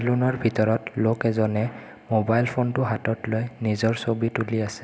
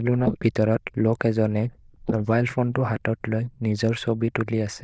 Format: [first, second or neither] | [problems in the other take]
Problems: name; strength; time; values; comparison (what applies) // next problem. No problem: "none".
first | noise reduction (neural diffusion model UNIVERSE++)